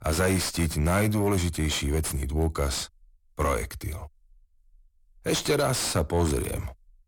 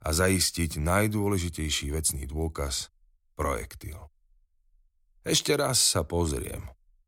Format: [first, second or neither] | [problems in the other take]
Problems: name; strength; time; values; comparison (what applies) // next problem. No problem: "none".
second | distortion; heavy; 5 dB below the speech